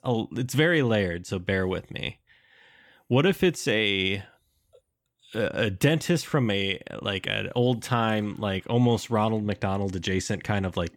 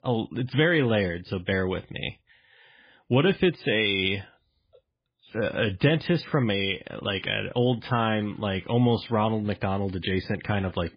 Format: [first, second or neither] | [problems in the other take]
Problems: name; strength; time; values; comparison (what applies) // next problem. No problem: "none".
first | garbled, watery; badly; nothing above 5 kHz